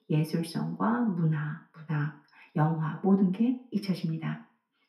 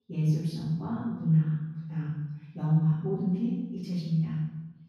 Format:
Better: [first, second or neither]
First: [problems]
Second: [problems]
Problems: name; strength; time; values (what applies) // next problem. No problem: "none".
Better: first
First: room echo; slight; dies away in 0.5 s // off-mic speech; far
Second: room echo; strong; dies away in 1.4 s // off-mic speech; far